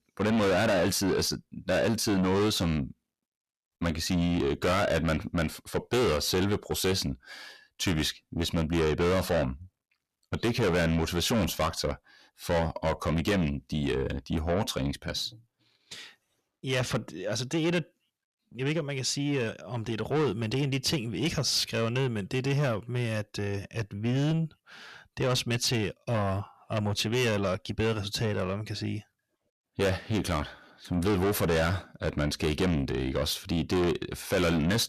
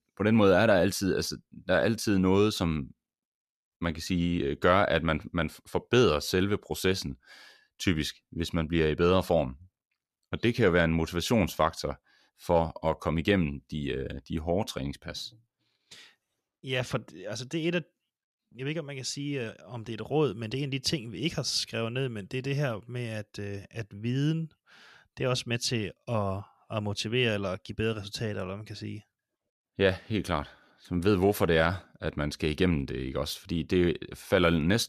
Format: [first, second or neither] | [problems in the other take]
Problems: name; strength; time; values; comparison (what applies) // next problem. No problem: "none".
second | distortion; heavy; 6 dB below the speech